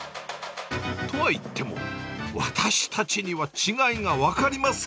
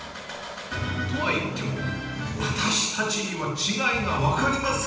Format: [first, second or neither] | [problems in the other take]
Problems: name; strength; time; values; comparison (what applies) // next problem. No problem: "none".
first | background sound (Fixed-wing aircraft, airplane); 20 dB below the speech // room echo; dies away in 0.7 s